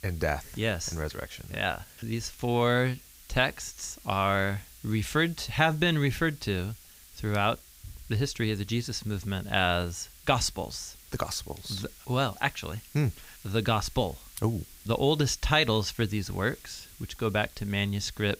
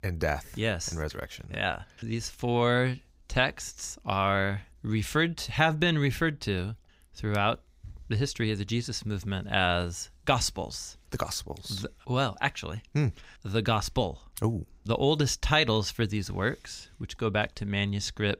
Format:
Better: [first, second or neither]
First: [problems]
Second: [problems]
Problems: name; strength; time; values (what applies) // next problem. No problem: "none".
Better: second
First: hiss; faint; throughout; 20 dB below the speech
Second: none